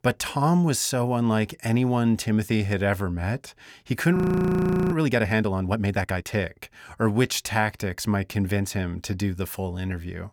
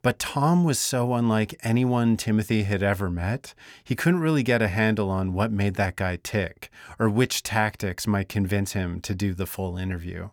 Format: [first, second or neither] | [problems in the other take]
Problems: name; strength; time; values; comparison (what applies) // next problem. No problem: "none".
second | audio freezing; at 4 s for 1 s